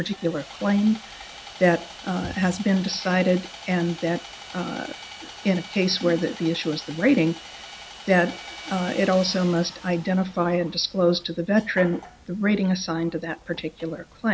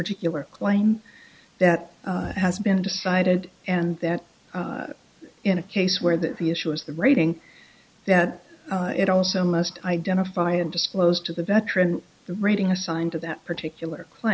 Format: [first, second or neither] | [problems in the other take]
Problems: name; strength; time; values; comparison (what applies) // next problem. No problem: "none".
second | background sound (Sawing); 17 dB below the speech